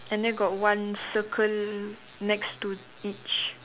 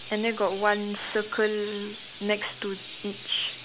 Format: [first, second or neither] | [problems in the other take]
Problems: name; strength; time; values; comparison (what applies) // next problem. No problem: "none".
first | background sound (Chirp, tweet); 14 dB below the speech